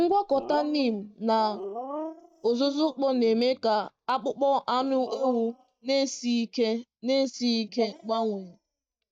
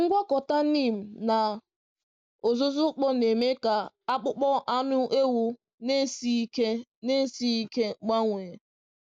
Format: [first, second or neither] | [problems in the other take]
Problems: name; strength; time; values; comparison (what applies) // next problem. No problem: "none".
second | noise reduction (neural mask model DeepFilterNet 3)